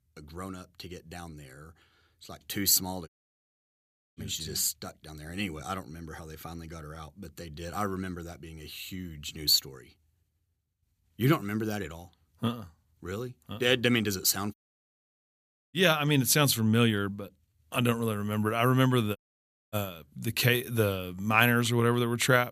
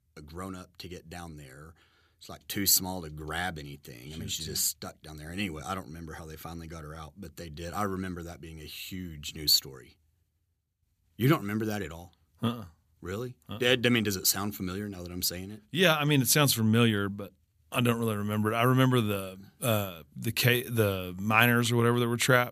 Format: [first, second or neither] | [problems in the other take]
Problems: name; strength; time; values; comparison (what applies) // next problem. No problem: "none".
second | audio cutting out; at 3 s for 1 s, at 15 s for 1 s and at 19 s for 0.5 s